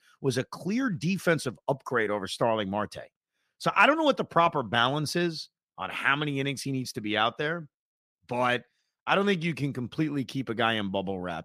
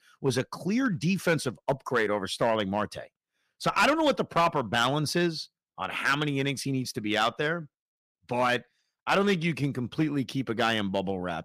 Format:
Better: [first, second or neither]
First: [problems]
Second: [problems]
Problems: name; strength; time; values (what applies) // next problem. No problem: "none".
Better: first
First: none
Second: distortion; slight; 2% of the sound clipped